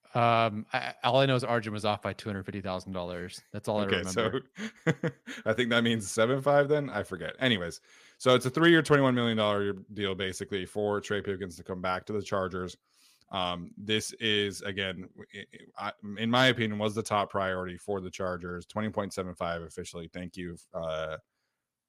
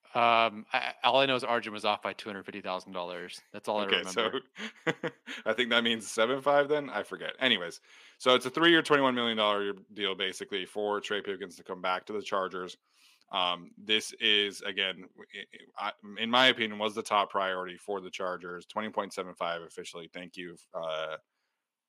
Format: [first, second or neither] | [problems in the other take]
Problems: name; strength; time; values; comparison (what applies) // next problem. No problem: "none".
first | thin; very slightly; fading below 300 Hz